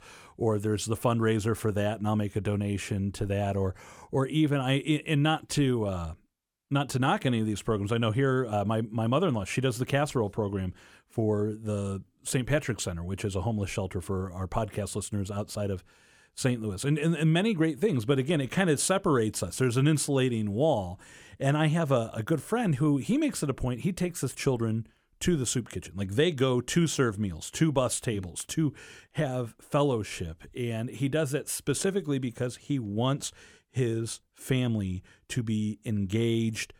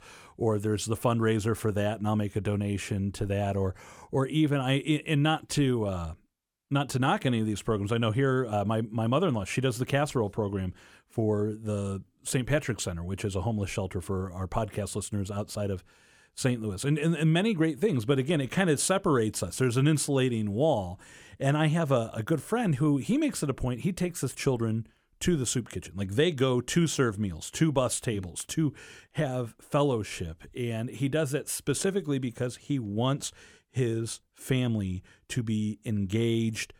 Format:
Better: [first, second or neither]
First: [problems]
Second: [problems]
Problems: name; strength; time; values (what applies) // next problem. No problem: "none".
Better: neither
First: none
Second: none